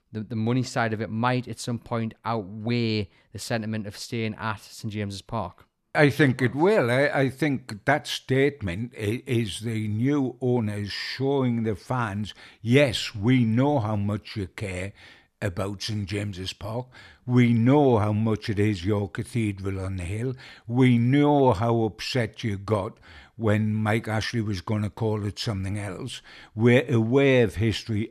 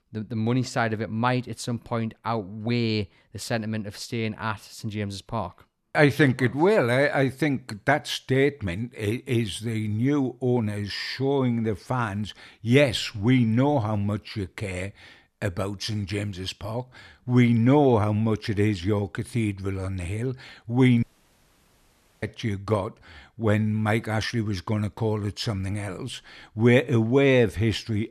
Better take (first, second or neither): first